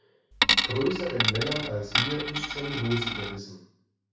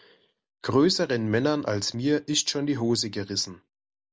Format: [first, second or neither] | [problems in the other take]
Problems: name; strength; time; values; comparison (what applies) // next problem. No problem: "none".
second | background sound (Coin (dropping)); 3 dB above the speech // room echo; dies away in 0.6 s